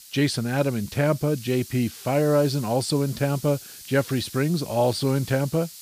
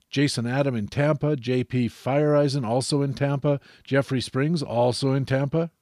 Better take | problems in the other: second | hiss; noticeable; throughout; 15 dB below the speech

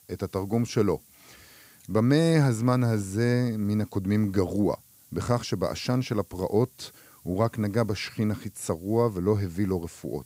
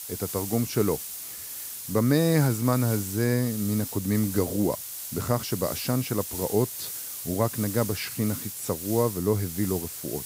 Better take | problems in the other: first | hiss; loud; throughout; 7 dB below the speech; faint in the first

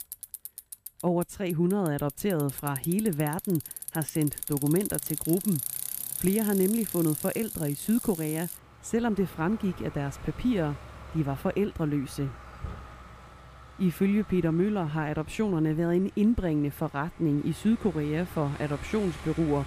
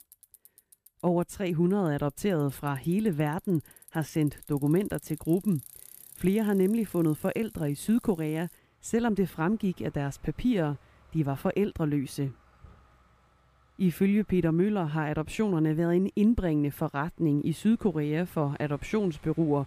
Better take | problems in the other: second | traffic noise; loud; throughout; 9 dB below the speech; faint in the second

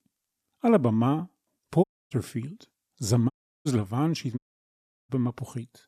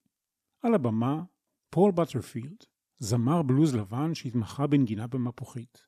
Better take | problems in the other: second | audio cutting out; at 2 s, at 3.5 s and at 4.5 s for 0.5 s

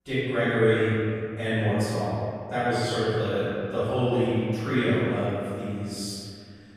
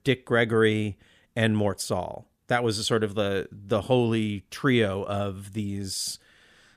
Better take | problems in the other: second | off-mic speech; far // room echo; strong; dies away in 2.1 s

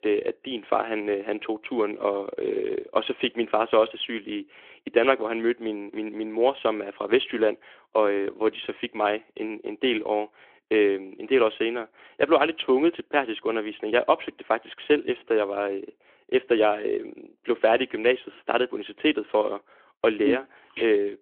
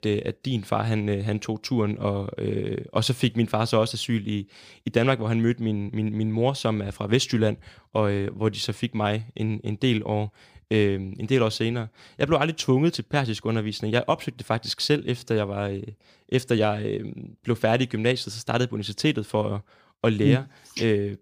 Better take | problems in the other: second | phone-call audio; nothing above 3.5 kHz

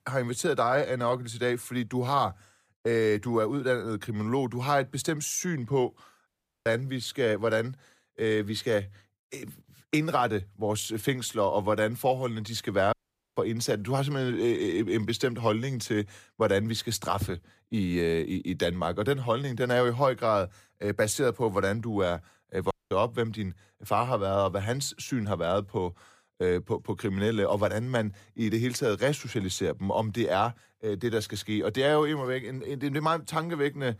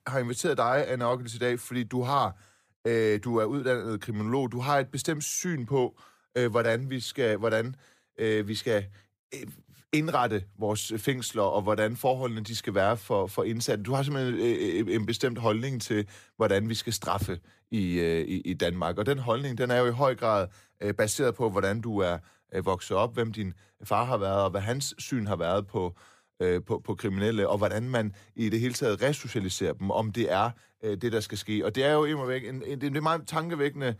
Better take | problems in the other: second | audio cutting out; at 6.5 s, at 13 s and at 23 s

